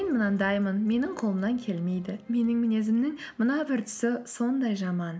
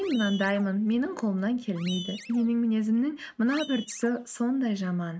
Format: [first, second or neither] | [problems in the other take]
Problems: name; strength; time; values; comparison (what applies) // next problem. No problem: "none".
first | noise reduction (neural mask model RNNoise)